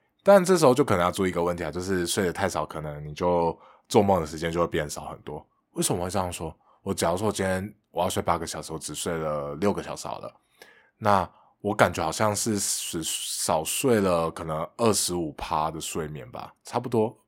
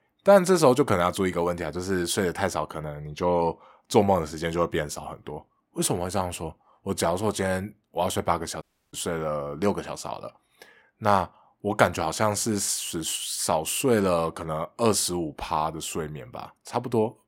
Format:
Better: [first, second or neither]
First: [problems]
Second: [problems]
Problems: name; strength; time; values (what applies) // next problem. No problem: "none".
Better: first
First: none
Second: audio cutting out; at 8.5 s